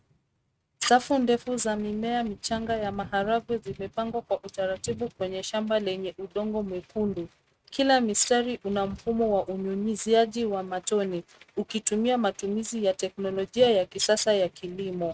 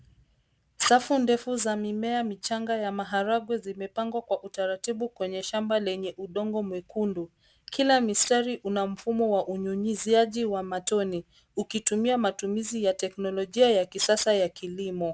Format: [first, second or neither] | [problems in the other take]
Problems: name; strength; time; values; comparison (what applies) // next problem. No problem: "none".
second | noise reduction (neural mask model RNNoise)